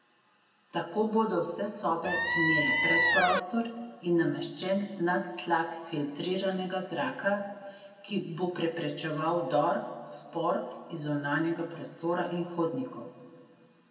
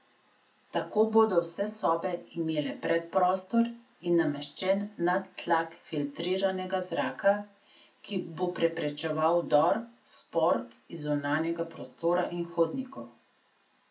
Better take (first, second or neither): second